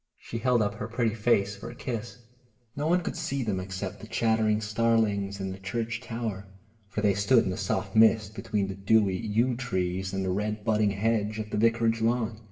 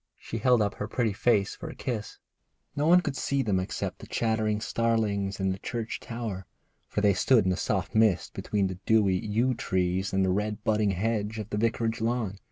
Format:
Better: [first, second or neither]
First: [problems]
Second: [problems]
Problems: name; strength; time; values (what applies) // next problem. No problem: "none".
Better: second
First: room echo; dies away in 0.7 s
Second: none